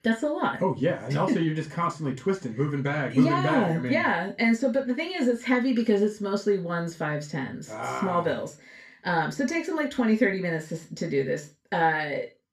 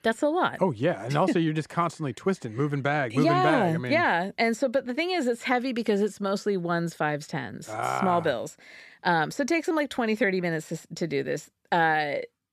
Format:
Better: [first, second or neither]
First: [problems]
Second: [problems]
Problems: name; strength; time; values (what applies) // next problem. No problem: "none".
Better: second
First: room echo; very slight; dies away in 0.3 s // off-mic speech; far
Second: none